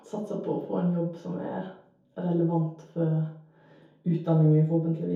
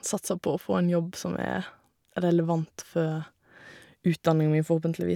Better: second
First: room echo; dies away in 0.6 s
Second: none

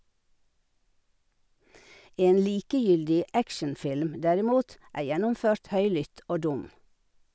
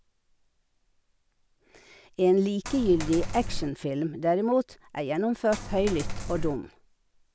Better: first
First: none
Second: background sound (Coin (dropping)); 3 dB below the speech

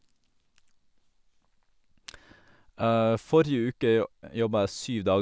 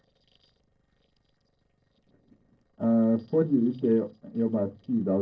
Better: first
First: none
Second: noise reduction (neural separator model SepFormer DNS4)

